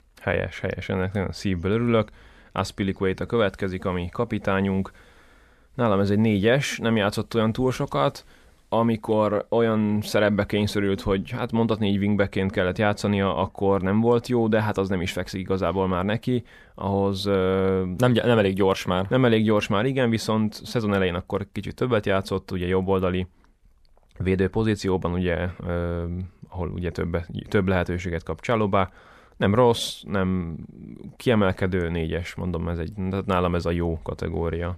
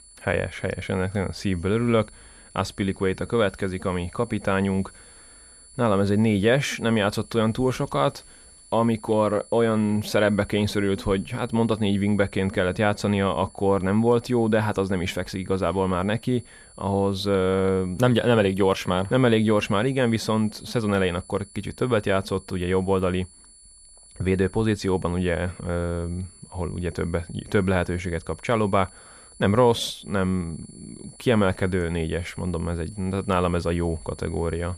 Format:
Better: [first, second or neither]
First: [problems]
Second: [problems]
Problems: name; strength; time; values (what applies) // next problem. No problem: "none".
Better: first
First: none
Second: high-pitched whine; faint; throughout; 10 kHz, 25 dB below the speech